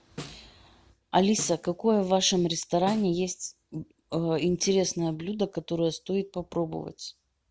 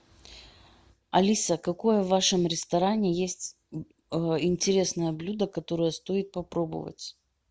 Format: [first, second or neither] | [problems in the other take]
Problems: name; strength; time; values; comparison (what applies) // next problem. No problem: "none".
second | background sound (Snare drum); 18 dB below the speech